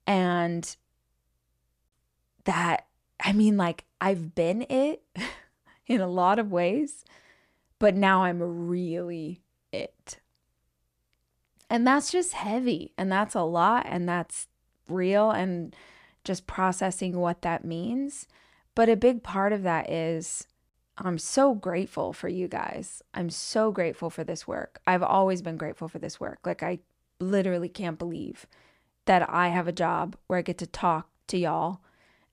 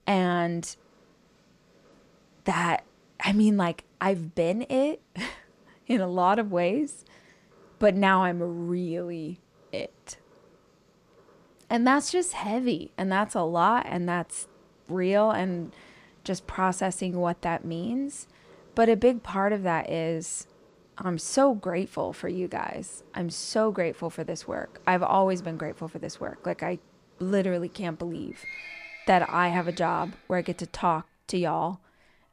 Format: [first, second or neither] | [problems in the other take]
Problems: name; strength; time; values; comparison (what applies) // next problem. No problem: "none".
first | animal sounds; faint; throughout; 25 dB below the speech